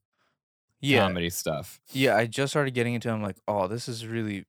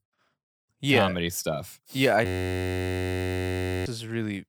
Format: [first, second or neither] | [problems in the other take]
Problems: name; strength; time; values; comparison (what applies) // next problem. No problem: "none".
first | audio freezing; at 2.5 s for 1.5 s